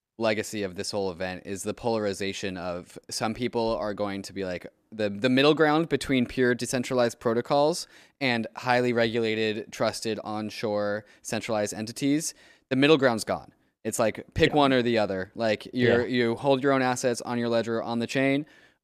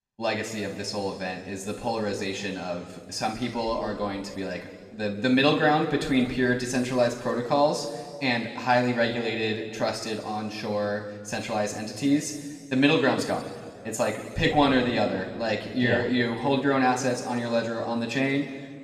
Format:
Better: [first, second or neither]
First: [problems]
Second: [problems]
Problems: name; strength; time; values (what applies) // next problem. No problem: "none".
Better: first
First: none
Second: room echo; noticeable; dies away in 1.8 s // off-mic speech; somewhat distant